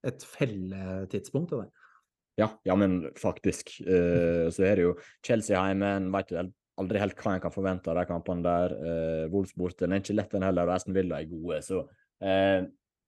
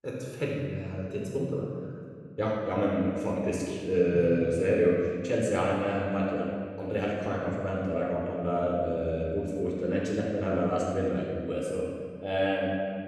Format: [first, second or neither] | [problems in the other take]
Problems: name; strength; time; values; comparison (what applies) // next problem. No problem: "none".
first | off-mic speech; far // room echo; strong; dies away in 1.9 s